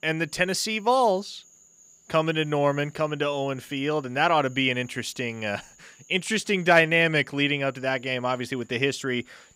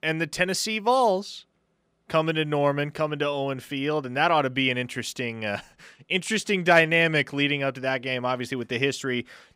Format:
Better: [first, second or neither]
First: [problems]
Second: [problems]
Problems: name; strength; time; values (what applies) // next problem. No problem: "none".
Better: second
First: animal sounds; faint; throughout; 30 dB below the speech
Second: none